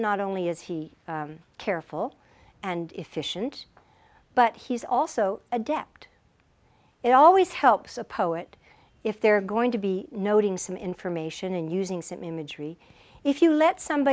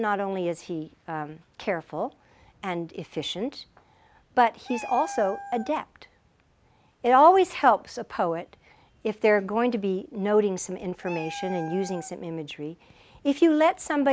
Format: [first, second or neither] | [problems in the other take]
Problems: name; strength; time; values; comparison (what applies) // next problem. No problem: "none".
first | background sound (Meow); 16 dB below the speech